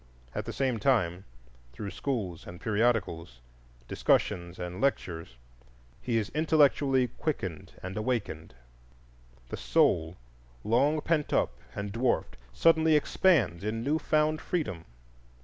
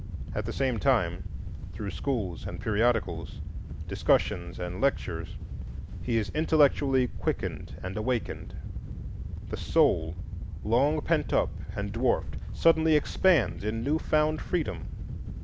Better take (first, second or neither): first